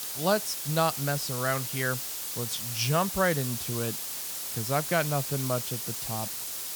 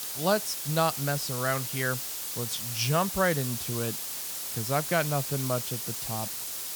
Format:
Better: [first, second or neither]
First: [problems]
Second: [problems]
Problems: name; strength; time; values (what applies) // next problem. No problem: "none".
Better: neither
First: hiss; loud; throughout; 2 dB below the speech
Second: hiss; loud; throughout; 2 dB below the speech